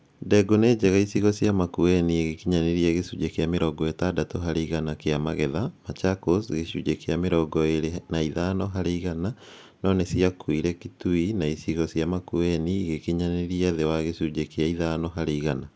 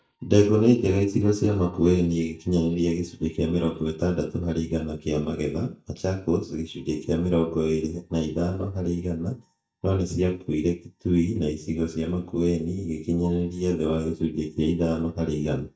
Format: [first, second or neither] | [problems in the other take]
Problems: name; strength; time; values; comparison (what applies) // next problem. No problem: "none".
first | noise reduction (neural mask model DeepFilterNet 3)